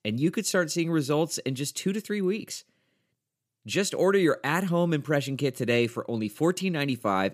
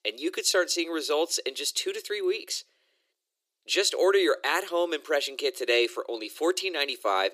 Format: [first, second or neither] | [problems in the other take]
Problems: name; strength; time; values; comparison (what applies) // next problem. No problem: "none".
first | thin; very; fading below 350 Hz